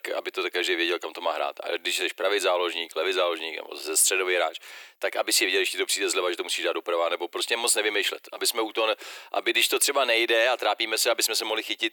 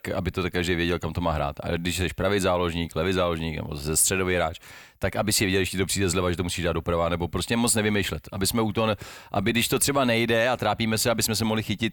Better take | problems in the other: second | thin; very; fading below 350 Hz

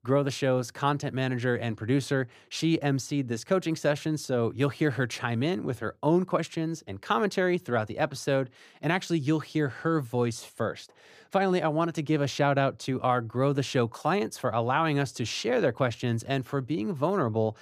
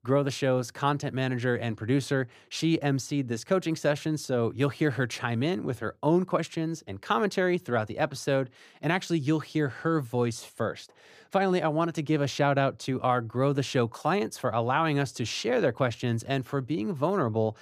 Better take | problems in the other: neither | none

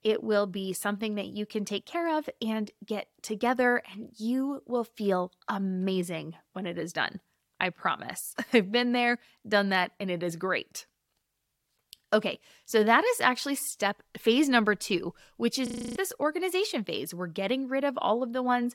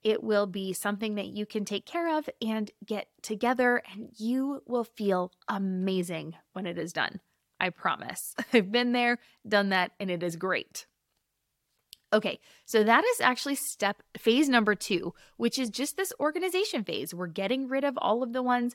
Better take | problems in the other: second | audio freezing; at 16 s

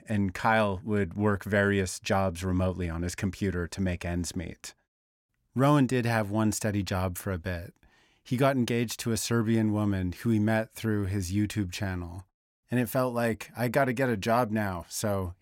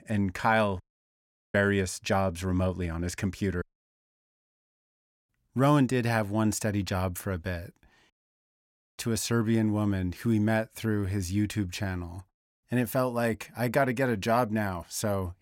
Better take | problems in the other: first | audio cutting out; at 1 s for 0.5 s, at 3.5 s for 1.5 s and at 8 s for 1 s

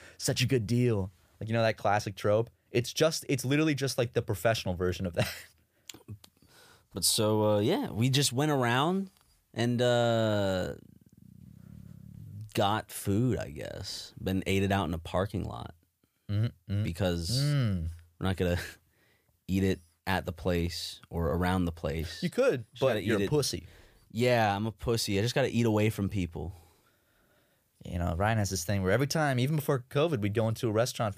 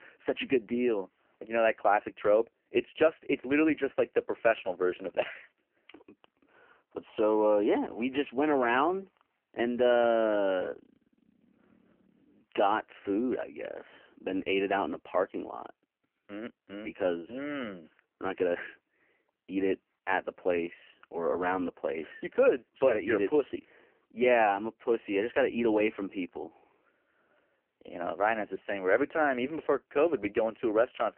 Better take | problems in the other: first | phone-call audio; poor line; nothing above 3 kHz

